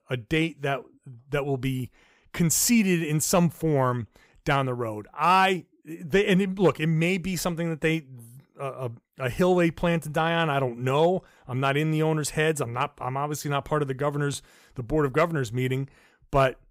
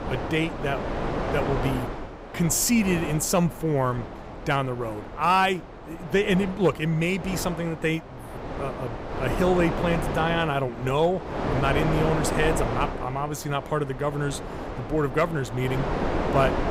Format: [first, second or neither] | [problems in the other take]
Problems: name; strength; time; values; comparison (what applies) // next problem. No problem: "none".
first | wind noise on the microphone; heavy; 6 dB below the speech